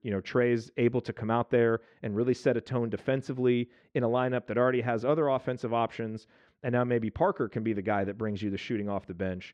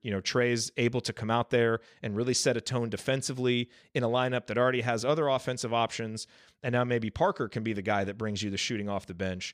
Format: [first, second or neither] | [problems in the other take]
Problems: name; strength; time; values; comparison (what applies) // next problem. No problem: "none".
second | muffled; very; fading above 4 kHz